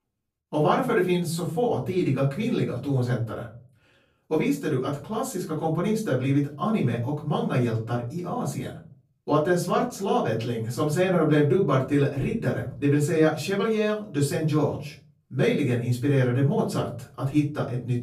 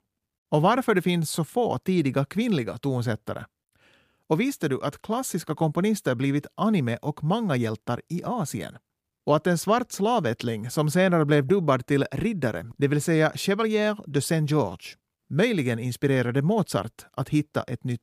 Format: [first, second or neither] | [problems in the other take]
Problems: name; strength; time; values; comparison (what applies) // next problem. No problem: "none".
second | off-mic speech; far // room echo; slight; dies away in 0.4 s